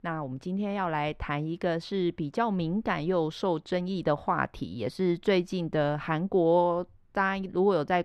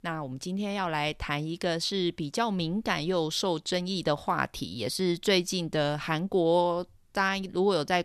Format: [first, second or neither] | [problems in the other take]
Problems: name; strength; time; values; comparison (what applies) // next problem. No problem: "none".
second | muffled; slightly; fading above 3.5 kHz